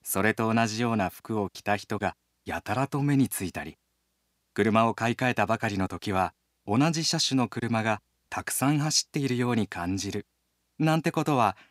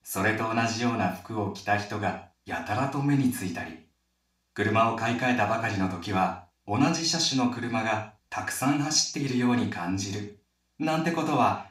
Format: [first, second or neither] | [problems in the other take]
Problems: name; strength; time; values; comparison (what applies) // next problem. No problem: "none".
first | room echo; noticeable; dies away in 0.4 s // off-mic speech; far